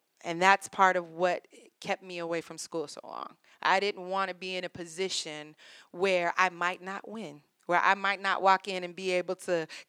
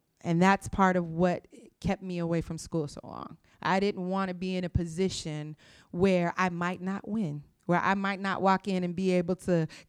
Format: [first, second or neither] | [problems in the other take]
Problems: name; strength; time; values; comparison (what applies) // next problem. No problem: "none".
second | thin; very; fading below 500 Hz